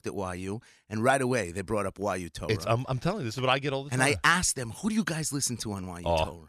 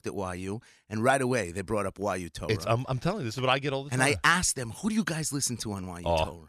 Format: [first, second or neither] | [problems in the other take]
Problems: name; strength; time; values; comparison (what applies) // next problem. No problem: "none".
neither | none